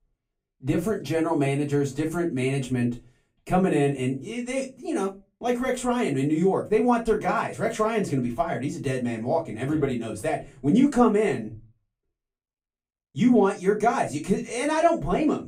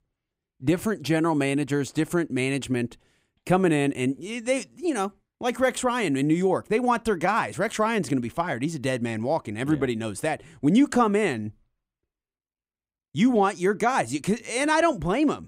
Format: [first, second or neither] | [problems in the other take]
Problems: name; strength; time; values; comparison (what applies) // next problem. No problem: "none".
second | off-mic speech; far // room echo; very slight; dies away in 0.2 s